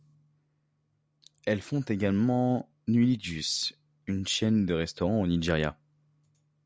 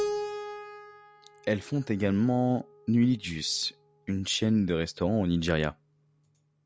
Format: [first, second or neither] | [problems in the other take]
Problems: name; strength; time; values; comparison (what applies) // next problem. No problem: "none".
first | background sound (Keyboard (musical)); 13 dB below the speech